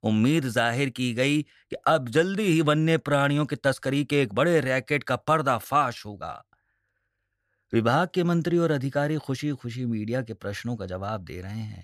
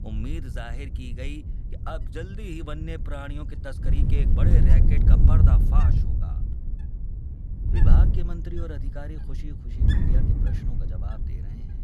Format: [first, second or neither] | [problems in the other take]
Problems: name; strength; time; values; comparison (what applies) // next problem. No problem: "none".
first | wind noise on the microphone; heavy; 1 dB above the speech